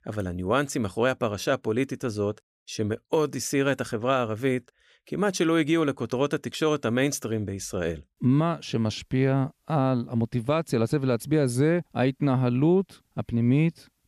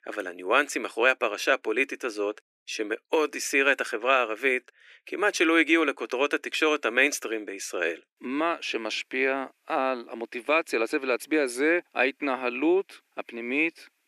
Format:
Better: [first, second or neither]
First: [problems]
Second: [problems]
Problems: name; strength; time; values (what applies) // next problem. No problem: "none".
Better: first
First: none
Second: thin; somewhat; fading below 300 Hz